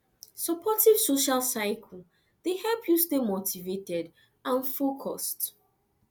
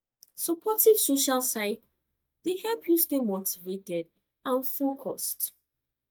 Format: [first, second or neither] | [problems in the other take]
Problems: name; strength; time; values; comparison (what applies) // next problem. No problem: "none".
first | noise reduction (neural mask model DeepFilterNet 3)